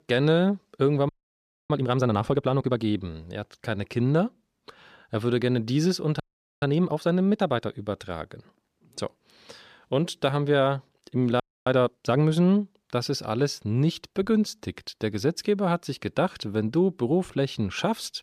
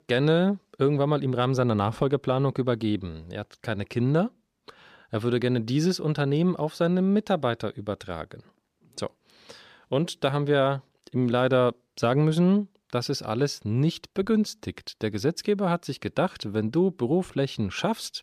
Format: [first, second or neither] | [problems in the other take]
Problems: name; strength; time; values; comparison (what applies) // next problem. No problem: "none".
second | audio freezing; at 1 s for 0.5 s, at 6 s and at 11 s